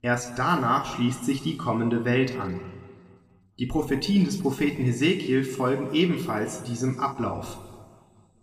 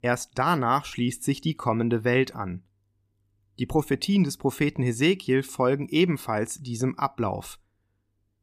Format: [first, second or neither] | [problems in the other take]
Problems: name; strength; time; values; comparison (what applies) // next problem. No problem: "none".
second | room echo; slight; dies away in 1.5 s // off-mic speech; somewhat distant